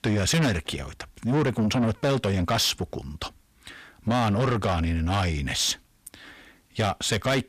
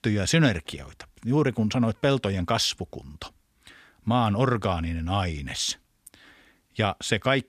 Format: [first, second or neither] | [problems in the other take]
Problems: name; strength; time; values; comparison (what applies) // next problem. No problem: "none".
second | distortion; heavy; 7 dB below the speech